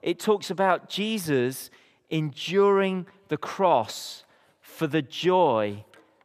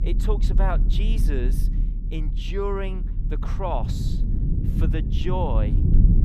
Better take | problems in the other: first | low rumble; loud; throughout; 7 dB below the speech

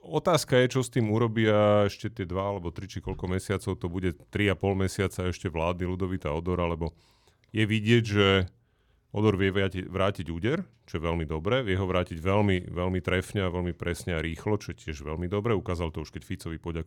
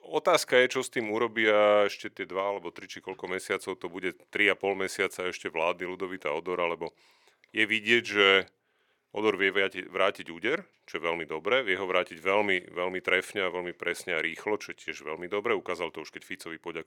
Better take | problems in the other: first | thin; somewhat; fading below 450 Hz

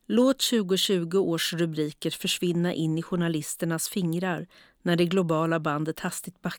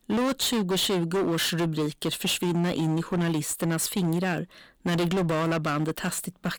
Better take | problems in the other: first | distortion; heavy; 28% of the sound clipped

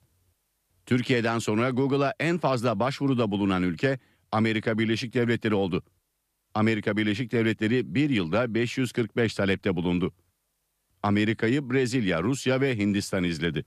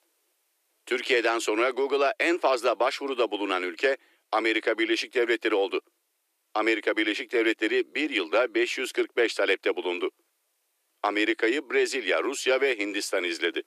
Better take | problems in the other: first | thin; very; fading below 350 Hz

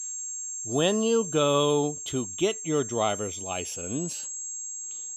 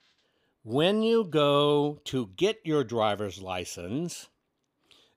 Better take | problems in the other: second | high-pitched whine; loud; throughout; 7.5 kHz, 6 dB below the speech

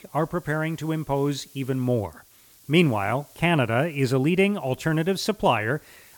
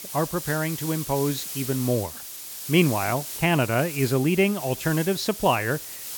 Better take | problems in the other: first | hiss; loud; throughout; 8 dB below the speech; faint in the first

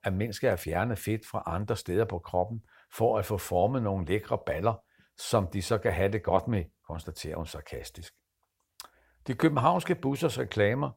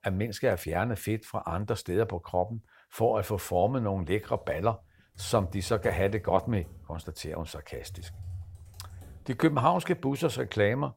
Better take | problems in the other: first | keyboard typing; faint; from 4 to 9.5 s; peak 10 dB below the speech

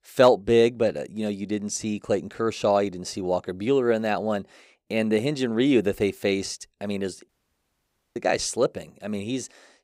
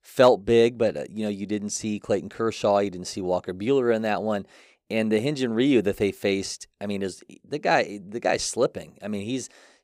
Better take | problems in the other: second | audio cutting out; at 7.5 s for 1 s

